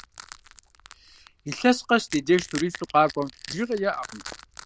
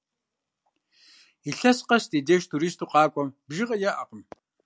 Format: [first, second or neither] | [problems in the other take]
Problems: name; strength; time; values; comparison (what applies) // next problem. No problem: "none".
second | noise reduction (neural diffusion model UNIVERSE++)